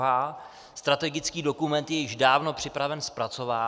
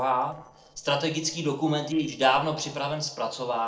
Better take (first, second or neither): first